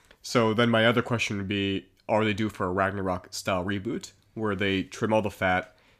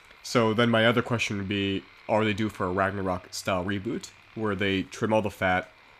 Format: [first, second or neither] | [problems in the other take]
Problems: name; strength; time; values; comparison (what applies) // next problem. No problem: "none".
first | machinery noise; faint; throughout; 25 dB below the speech